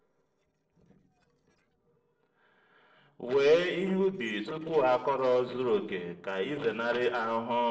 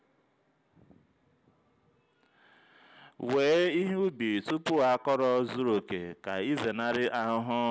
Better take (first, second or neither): second